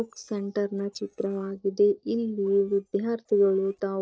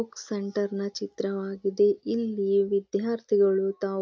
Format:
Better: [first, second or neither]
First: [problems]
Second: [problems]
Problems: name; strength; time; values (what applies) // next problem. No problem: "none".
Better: second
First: noise reduction (neural separator model SepFormer DNS4)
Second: none